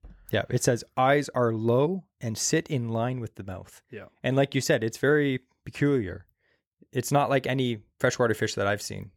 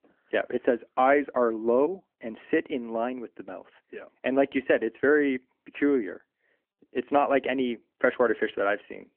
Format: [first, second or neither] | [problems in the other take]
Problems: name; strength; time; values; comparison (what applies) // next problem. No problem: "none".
first | phone-call audio